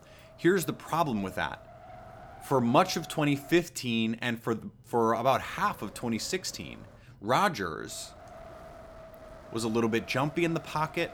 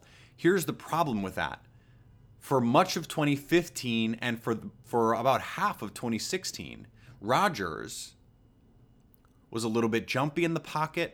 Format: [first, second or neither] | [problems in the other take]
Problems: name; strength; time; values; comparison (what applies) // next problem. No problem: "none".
second | wind noise on the microphone; occasional gusts; until 3.5 s, from 5.5 to 7 s and from 8 s on; 20 dB below the speech